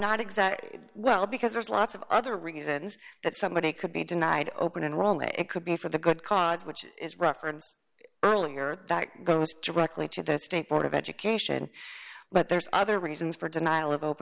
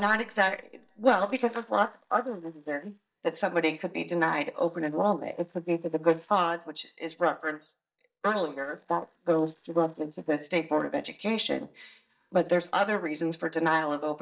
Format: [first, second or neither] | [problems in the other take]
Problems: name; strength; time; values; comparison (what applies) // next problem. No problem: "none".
first | noise reduction (neural mask model DeepFilterNet 3)